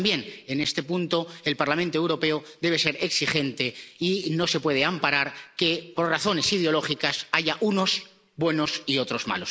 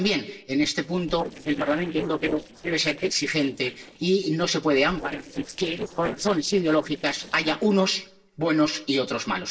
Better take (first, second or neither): first